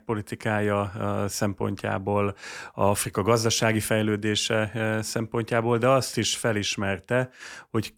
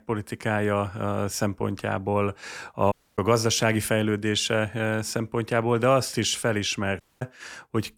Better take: first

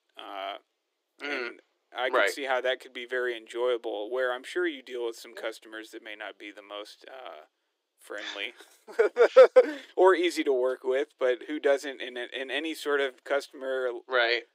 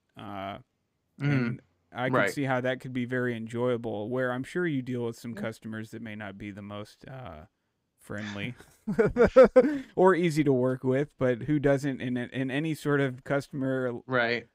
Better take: second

